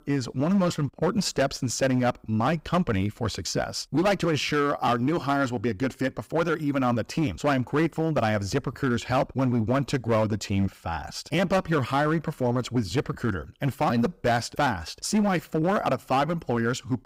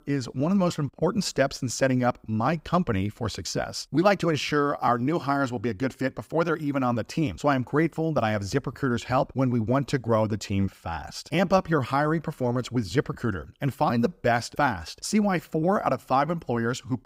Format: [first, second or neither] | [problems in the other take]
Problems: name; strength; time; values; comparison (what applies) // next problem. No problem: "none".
second | distortion; slight; 7% of the sound clipped